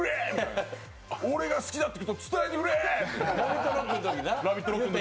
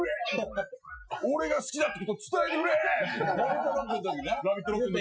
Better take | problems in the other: first | noise reduction (classical method Wiener filter)

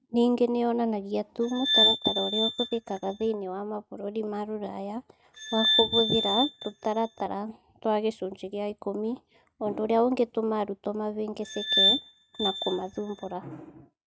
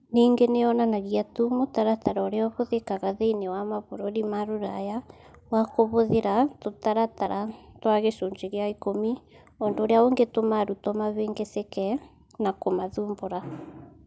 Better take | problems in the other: second | noise reduction (neural mask model RNNoise)

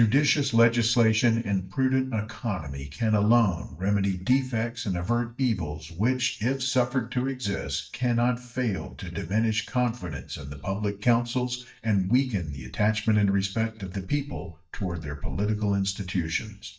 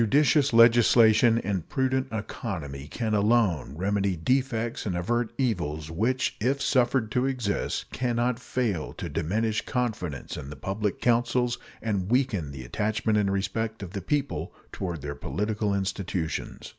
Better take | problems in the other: second | noise reduction (neural mask model DeepFilterNet 3)

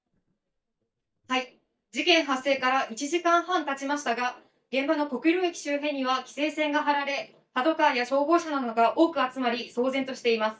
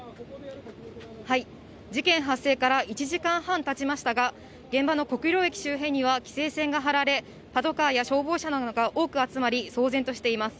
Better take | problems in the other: second | noise reduction (neural mask model DeepFilterNet 3)

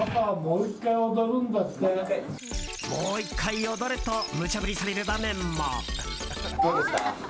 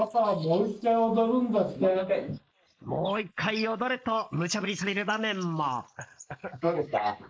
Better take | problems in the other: first | noise reduction (neural mask model Resemble Enhance denoiser)

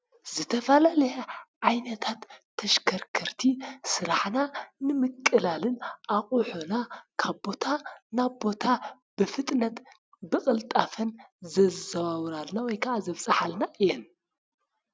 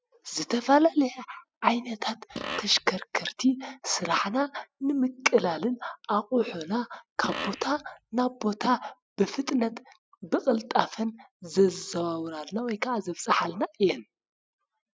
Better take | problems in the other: first | noise reduction (classical method spectral subtraction)

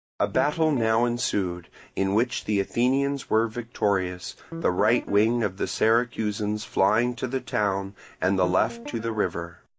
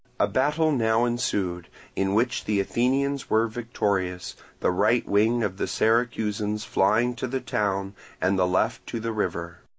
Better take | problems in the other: second | noise reduction (neural mask model DeepFilterNet 3)

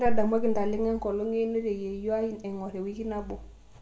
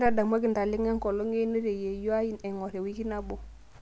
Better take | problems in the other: second | room echo; dies away in 0.5 s

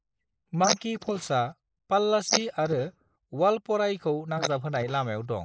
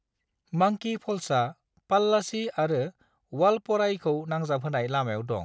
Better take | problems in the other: second | noise reduction (neural mask model Resemble Enhance denoiser)

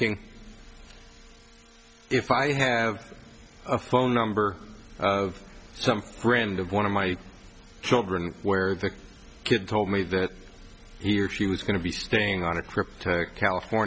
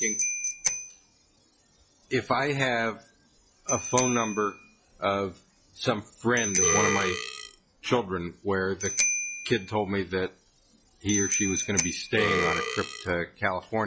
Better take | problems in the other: first | noise reduction (classical method log-MMSE)

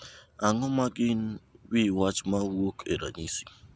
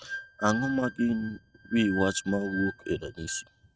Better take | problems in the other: first | noise reduction (neural mask model RNNoise)

